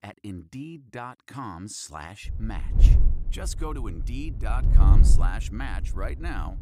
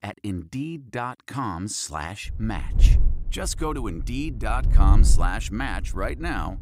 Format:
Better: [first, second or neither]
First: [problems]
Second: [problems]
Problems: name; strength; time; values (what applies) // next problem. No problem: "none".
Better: second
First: wind noise on the microphone; heavy; from 2.5 s on; 6 dB below the speech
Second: wind noise on the microphone; occasional gusts; from 2.5 s on; 15 dB below the speech